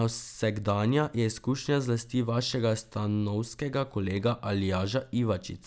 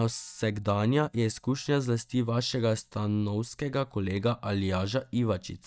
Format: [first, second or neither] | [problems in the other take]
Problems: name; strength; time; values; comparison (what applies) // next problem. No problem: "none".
first | noise reduction (neural mask model DeepFilterNet 3)